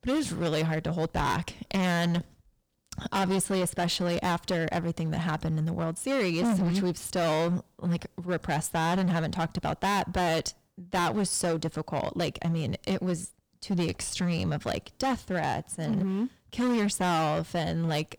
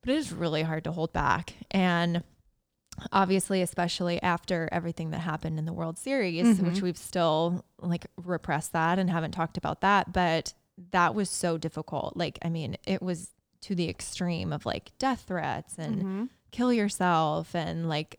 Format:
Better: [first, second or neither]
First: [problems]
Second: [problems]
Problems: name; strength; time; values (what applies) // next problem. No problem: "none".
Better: second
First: distortion; heavy; 16% of the sound clipped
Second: none